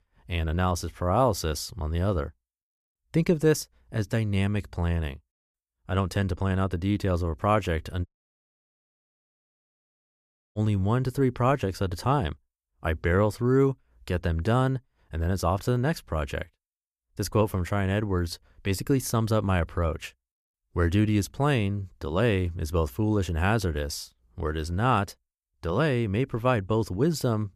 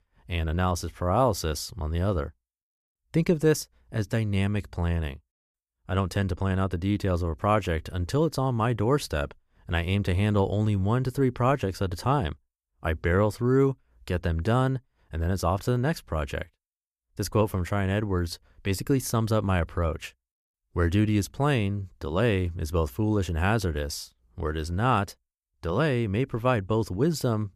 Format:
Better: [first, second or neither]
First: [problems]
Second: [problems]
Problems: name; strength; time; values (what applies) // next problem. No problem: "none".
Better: second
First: audio cutting out; at 8 s for 2.5 s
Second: none